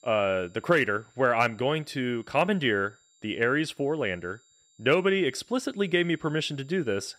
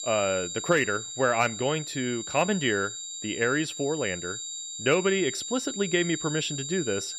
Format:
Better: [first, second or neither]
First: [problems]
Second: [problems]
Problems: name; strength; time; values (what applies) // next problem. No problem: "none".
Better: first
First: high-pitched whine; faint; throughout; 7.5 kHz, 35 dB below the speech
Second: high-pitched whine; loud; throughout; 7.5 kHz, 7 dB below the speech